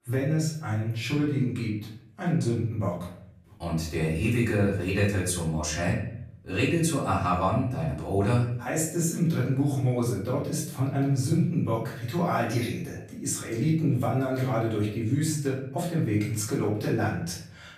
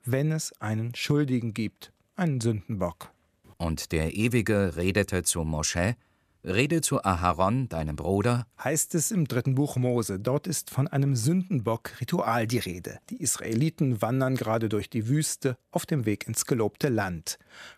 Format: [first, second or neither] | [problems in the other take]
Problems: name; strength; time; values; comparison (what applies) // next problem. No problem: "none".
second | off-mic speech; far // room echo; noticeable; dies away in 0.7 s